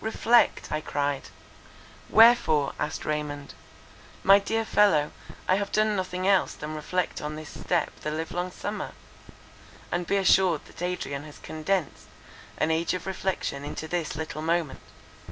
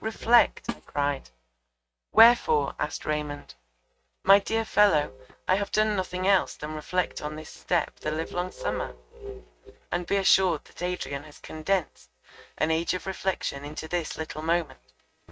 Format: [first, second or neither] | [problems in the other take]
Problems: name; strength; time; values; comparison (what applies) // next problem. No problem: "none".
first | noise reduction (neural mask model RNNoise)